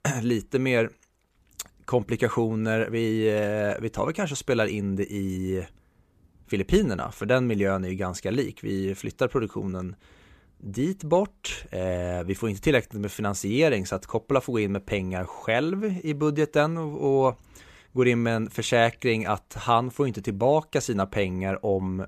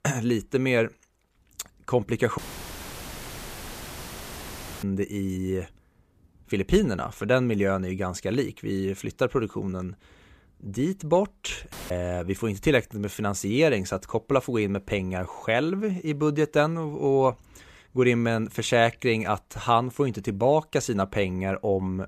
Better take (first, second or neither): first